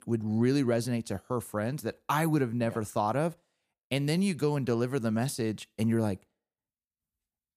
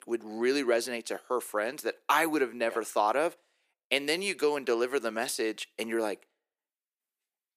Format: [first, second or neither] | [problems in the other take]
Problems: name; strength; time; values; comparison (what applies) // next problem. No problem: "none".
first | thin; somewhat; fading below 350 Hz